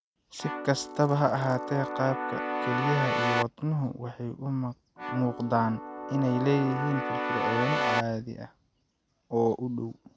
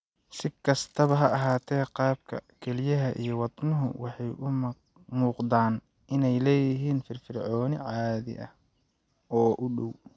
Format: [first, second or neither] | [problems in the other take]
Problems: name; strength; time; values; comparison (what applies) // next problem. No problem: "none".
second | background sound (Keyboard (musical)); 2 dB below the speech